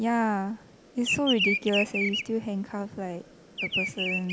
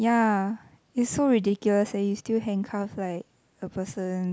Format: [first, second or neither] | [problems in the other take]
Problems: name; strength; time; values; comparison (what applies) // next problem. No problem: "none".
second | background sound (Bird vocalization, bird call, bird song); 3 dB below the speech